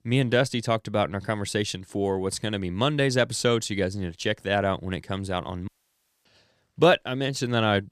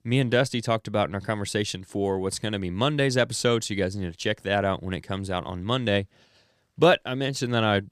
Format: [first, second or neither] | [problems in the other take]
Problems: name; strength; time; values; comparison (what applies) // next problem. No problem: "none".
second | audio cutting out; at 5.5 s for 0.5 s